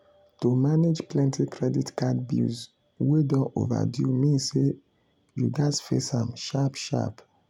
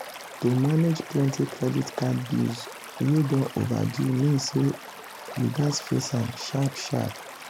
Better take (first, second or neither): first